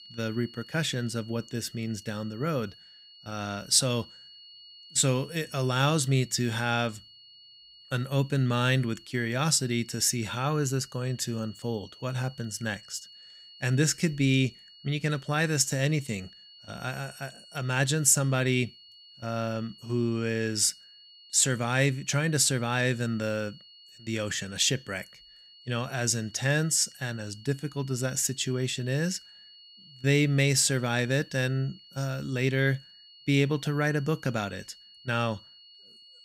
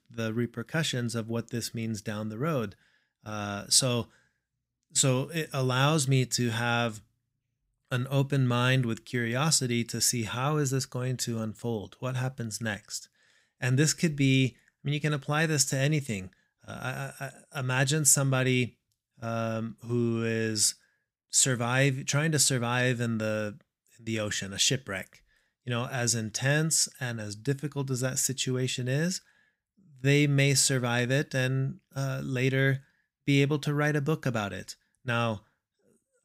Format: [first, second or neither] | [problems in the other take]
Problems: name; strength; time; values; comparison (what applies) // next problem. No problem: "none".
second | high-pitched whine; faint; throughout; 4.5 kHz, 20 dB below the speech